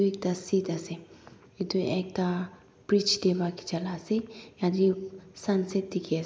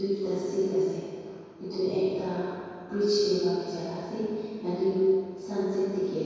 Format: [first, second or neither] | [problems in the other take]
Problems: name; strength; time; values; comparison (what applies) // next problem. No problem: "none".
first | room echo; dies away in 2.2 s